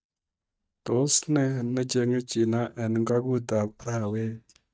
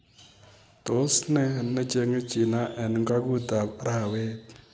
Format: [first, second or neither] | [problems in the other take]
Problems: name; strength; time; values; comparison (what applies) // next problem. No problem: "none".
second | noise reduction (neural mask model DeepFilterNet 3)